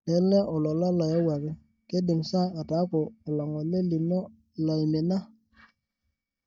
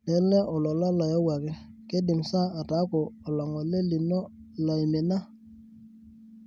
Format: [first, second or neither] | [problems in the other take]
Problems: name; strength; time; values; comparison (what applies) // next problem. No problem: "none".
second | noise reduction (neural mask model DeepFilterNet 3)